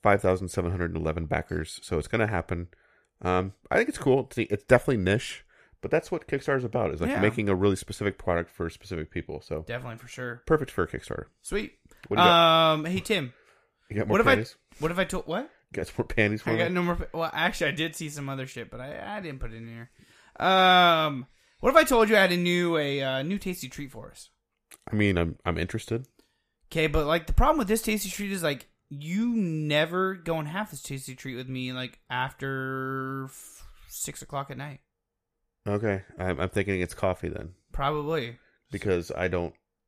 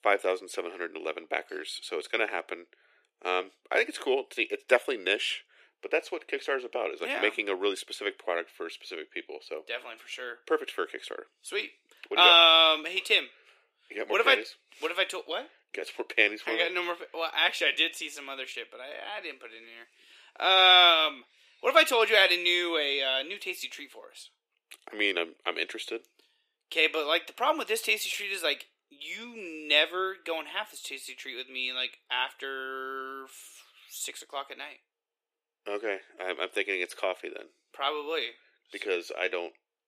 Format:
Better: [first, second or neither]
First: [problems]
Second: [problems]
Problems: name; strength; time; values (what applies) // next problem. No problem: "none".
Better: first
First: none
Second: thin; very; fading below 350 Hz